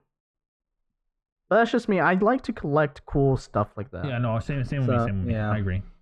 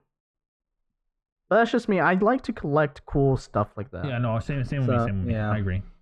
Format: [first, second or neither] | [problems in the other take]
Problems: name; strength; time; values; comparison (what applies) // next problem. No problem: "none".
neither | muffled; very; fading above 1.5 kHz; the same in both